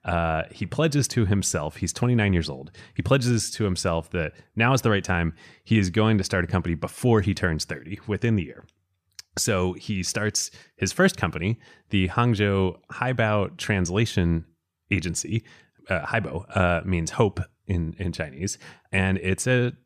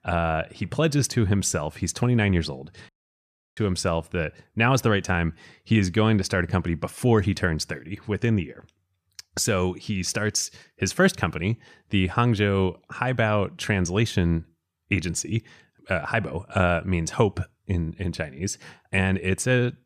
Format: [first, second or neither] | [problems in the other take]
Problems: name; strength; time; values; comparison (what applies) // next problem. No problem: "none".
first | audio cutting out; at 3 s for 0.5 s